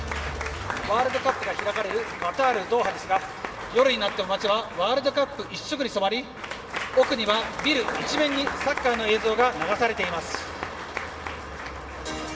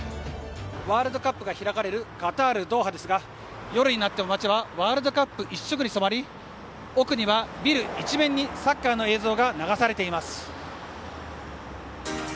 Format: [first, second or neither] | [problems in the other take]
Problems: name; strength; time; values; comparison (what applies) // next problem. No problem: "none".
second | background sound (Applause / Crowd); 8 dB below the speech // room echo; dies away in 2.1 s